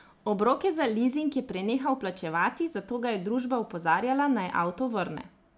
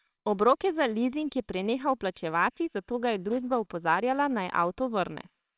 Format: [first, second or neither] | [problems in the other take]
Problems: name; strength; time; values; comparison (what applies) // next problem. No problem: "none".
first | noise reduction (neural separator model SepFormer WHAMR!)